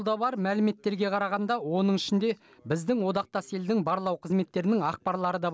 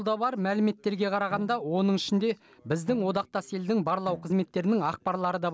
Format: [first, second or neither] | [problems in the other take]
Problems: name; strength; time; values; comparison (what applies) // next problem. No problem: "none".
first | background sound (Bowed string instrument); 20 dB below the speech